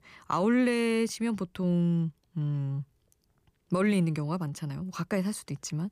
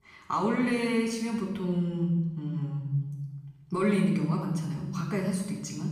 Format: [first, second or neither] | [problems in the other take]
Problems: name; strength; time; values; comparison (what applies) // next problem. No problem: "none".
first | off-mic speech; far // room echo; noticeable; dies away in 1.1 s